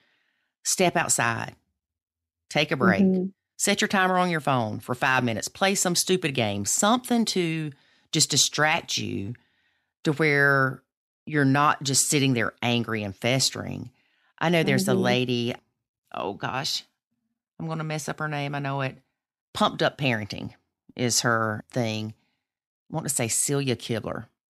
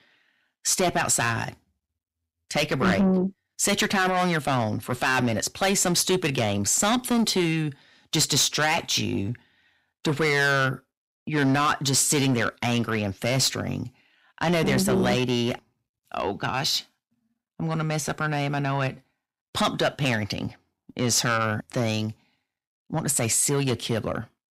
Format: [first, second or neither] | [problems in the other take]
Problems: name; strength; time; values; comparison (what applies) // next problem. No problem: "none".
first | distortion; heavy; 8 dB below the speech